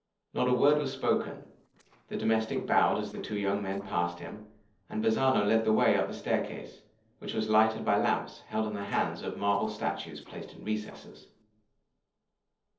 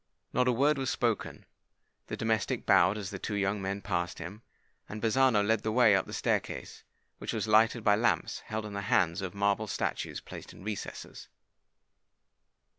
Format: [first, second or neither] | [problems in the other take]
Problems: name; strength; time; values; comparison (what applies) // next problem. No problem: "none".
second | noise reduction (neural separator model SepFormer DNS4)